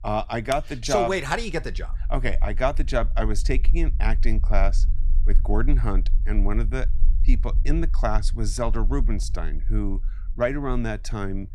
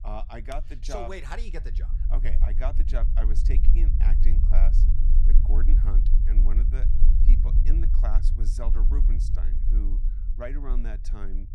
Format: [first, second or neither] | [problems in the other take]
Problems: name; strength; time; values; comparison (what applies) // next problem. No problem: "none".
first | low rumble; loud; throughout; 6 dB below the speech; faint in the first